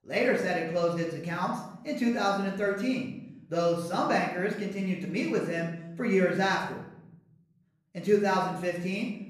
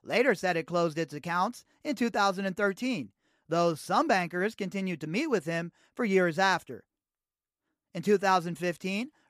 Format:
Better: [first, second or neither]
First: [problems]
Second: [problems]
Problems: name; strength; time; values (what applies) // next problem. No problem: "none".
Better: second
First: off-mic speech; far // room echo; noticeable; dies away in 1 s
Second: none